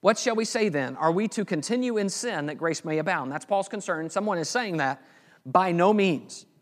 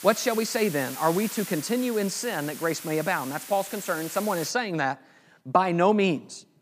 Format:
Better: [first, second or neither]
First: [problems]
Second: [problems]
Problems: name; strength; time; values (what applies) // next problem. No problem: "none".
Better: first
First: none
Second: hiss; noticeable; until 4.5 s; 10 dB below the speech